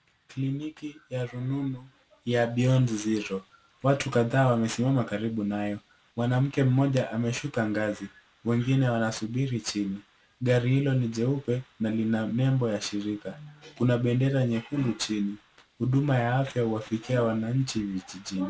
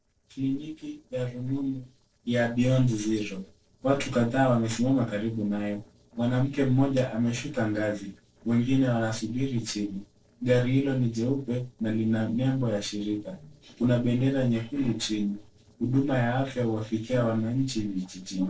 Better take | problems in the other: first | noise reduction (neural separator model SepFormer DNS4)

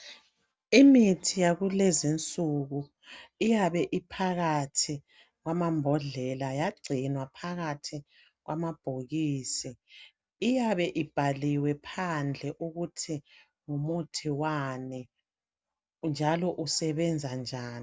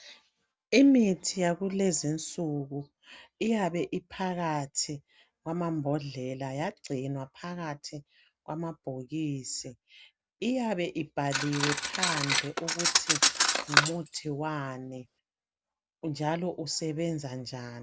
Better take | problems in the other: first | background sound (Cutlery, silverware); 2 dB above the speech

